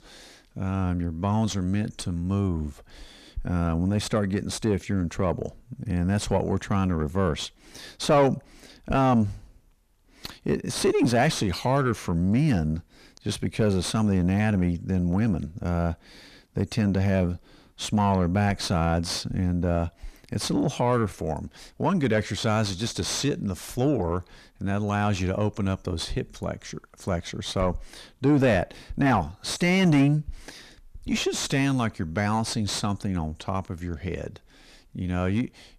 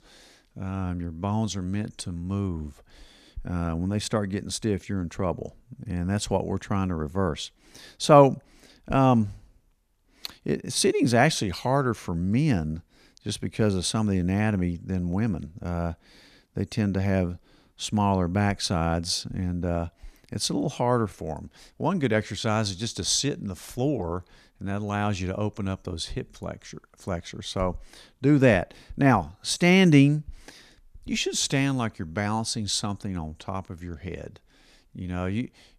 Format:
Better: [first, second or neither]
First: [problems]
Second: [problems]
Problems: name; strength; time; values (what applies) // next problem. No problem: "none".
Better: second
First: distortion; heavy; 7 dB below the speech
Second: none